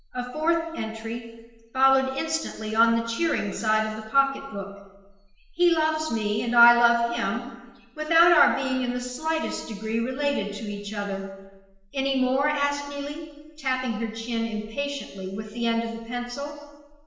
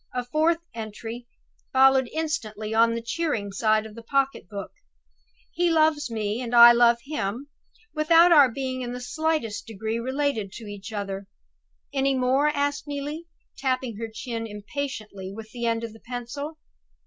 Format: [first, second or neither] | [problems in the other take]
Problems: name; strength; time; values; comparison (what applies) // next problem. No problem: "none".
second | room echo; dies away in 1.1 s